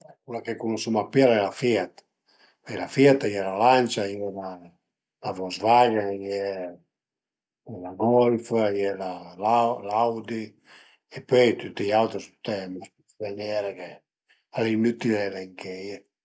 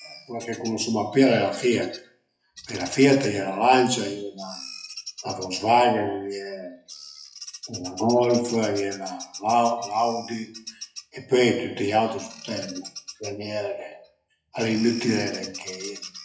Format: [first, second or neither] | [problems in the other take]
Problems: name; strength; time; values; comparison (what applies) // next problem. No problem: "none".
first | noise reduction (classical method WPE with log-MMSE)